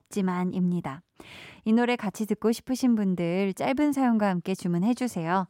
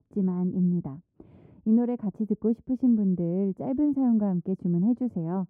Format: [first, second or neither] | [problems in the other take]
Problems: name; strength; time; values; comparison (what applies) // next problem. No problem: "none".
first | muffled; very; fading above 1 kHz